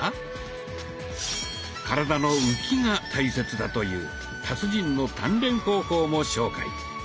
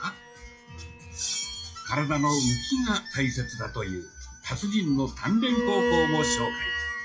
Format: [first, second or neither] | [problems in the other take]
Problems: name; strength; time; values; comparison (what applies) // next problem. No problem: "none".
first | noise reduction (classical method WPE with log-MMSE)